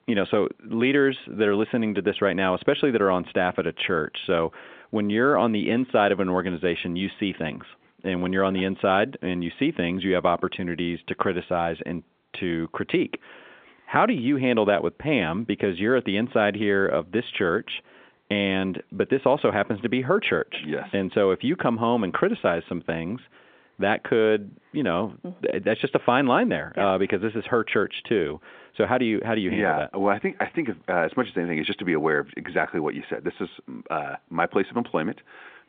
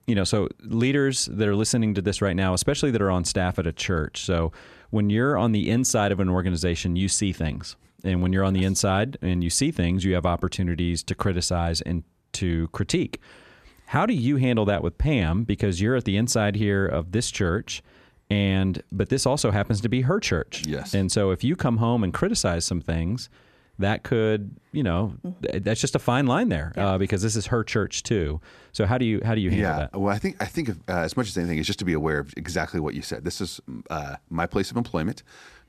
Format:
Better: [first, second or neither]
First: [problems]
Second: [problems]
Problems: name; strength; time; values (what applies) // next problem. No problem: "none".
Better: second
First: phone-call audio; nothing above 3.5 kHz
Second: none